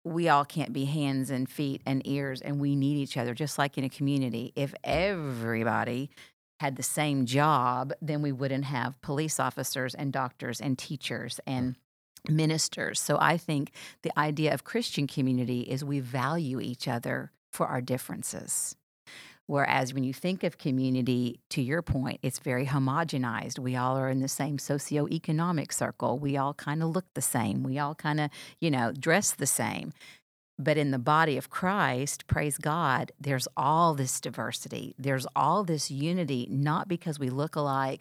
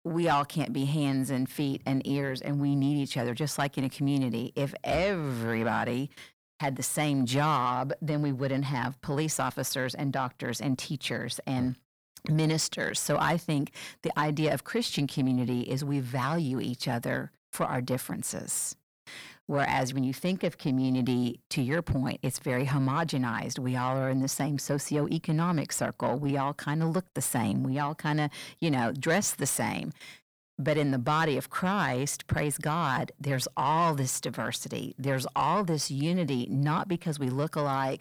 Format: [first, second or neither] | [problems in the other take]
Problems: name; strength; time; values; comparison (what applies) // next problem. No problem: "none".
first | distortion; slight; 10 dB below the speech